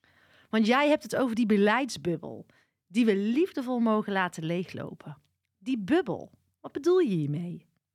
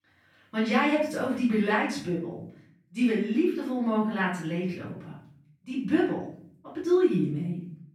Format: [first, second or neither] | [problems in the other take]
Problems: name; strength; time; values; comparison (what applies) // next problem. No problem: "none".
first | off-mic speech; far // room echo; noticeable; dies away in 0.5 s